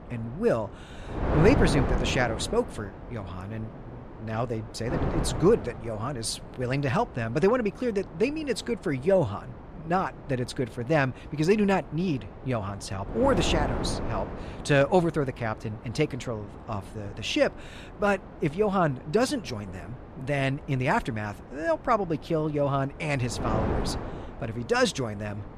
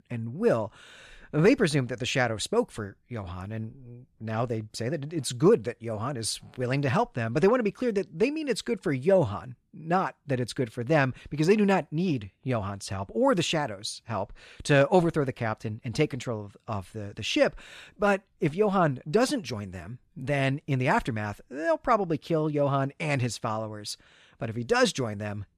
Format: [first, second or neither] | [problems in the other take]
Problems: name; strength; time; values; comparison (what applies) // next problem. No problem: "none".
second | wind noise on the microphone; occasional gusts; 10 dB below the speech